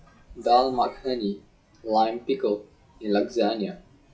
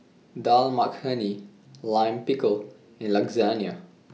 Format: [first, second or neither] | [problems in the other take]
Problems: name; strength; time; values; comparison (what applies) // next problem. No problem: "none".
second | noise reduction (classical method WPE with log-MMSE)